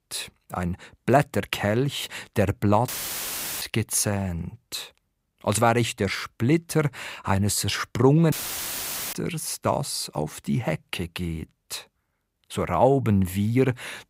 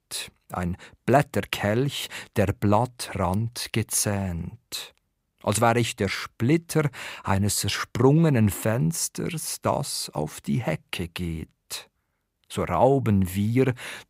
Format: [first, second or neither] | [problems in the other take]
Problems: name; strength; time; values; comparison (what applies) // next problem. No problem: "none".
second | audio cutting out; filled with static; at 3 s for 0.5 s and at 8.5 s for 1 s